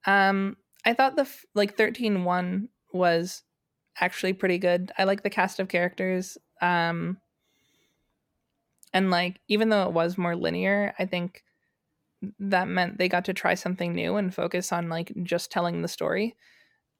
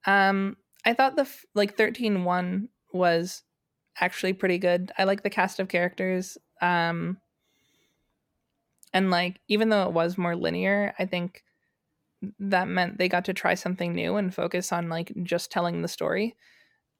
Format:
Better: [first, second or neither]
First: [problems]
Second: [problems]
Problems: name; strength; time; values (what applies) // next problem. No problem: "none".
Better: neither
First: none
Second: none